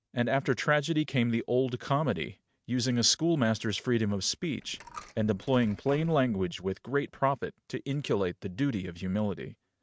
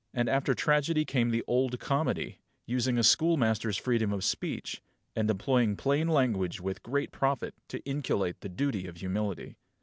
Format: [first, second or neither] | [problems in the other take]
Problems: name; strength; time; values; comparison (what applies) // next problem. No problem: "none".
second | noise reduction (neural mask model RNNoise)